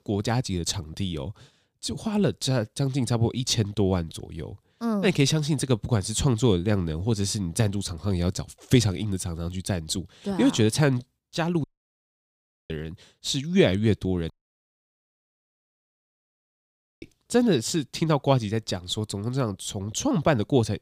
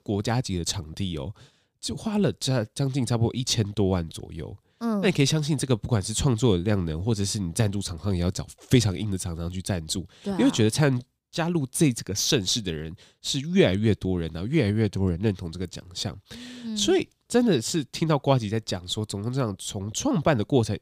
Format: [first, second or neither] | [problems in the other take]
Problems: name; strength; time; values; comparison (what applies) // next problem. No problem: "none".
second | audio cutting out; at 12 s for 1 s and at 14 s for 2.5 s